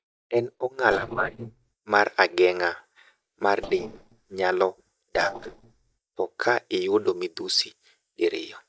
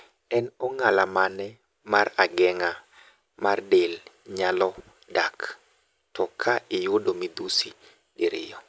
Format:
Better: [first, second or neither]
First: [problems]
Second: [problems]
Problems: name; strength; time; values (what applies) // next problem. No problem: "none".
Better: second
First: noise reduction (neural mask model DeepFilterNet 3)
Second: none